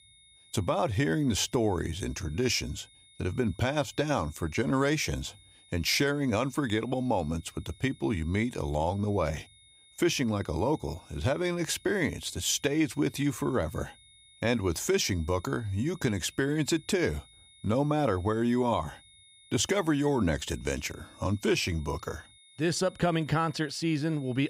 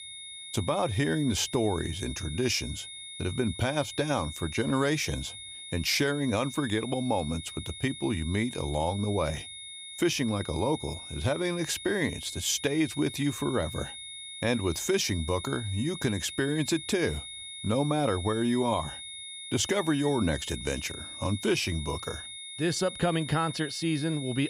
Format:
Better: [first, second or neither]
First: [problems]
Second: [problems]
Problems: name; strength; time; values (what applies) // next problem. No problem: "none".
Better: first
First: high-pitched whine; faint; throughout; 3.5 kHz, 25 dB below the speech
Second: high-pitched whine; loud; throughout; 3.5 kHz, 10 dB below the speech